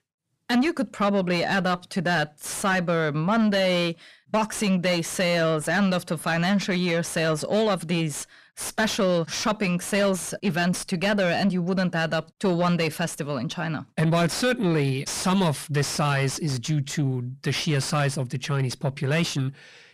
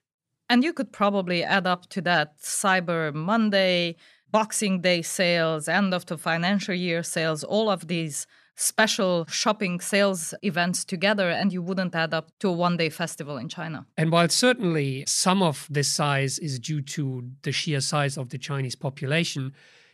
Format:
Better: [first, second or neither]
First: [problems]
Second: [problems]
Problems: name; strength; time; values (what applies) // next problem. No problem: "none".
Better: second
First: distortion; heavy; 8 dB below the speech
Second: none